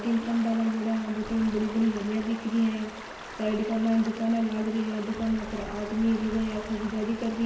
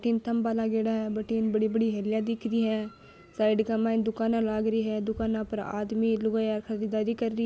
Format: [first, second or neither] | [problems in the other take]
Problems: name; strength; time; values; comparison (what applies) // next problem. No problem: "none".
second | background sound (Stream); 13 dB below the speech // room echo; dies away in 0.9 s